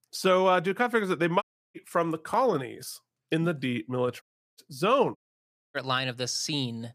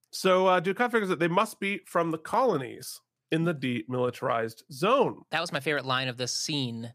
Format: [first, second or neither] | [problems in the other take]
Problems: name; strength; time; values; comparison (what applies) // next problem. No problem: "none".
second | audio cutting out; at 1.5 s, at 4 s and at 5 s for 0.5 s